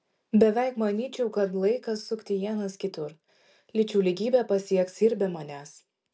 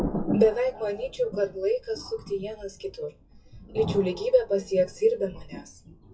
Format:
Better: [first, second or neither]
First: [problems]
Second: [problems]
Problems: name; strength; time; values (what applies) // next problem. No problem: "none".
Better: first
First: none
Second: noise reduction (classical method WPE with log-MMSE)